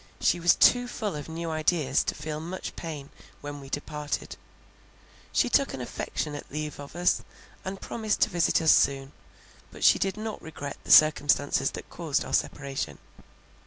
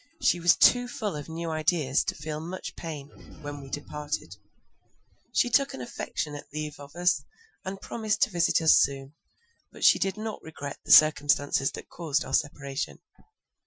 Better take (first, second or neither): first